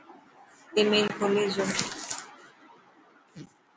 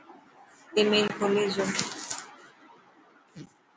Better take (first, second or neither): second